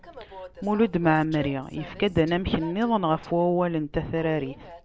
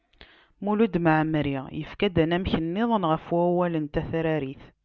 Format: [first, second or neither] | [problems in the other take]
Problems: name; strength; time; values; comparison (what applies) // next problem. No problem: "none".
second | background sound (Train); 18 dB below the speech